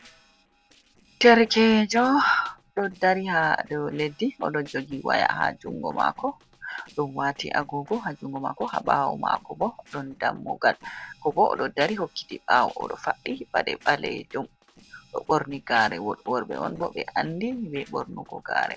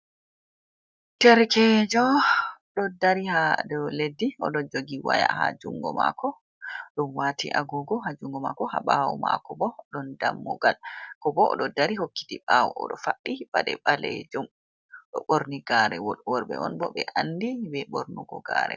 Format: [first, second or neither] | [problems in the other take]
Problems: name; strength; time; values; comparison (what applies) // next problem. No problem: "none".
second | noise reduction (neural separator model SepFormer DNS4)